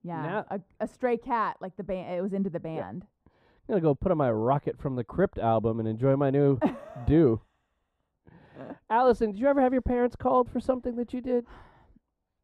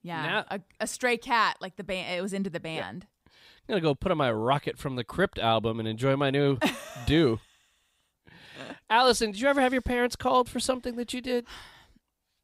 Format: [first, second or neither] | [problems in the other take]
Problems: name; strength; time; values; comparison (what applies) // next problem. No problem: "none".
second | muffled; very; fading above 2 kHz